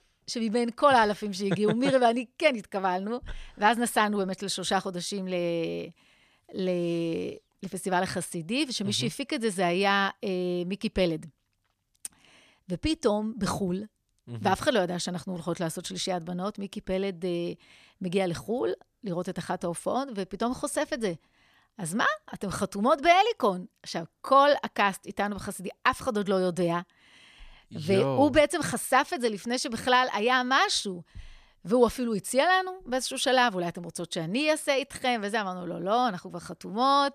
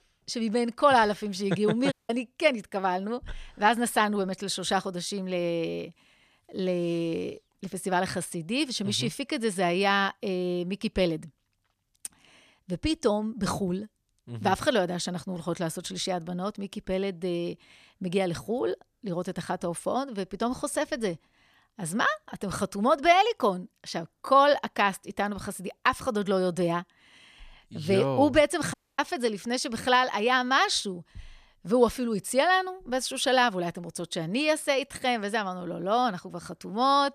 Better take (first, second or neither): first